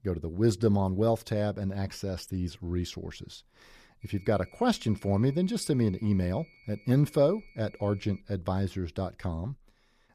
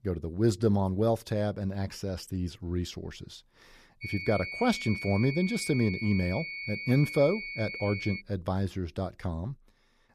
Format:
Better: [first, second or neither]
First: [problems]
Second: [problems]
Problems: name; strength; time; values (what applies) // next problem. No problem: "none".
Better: first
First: high-pitched whine; faint; from 4 to 8 s; 2 kHz, 30 dB below the speech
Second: high-pitched whine; loud; from 4 to 8 s; 2 kHz, 7 dB below the speech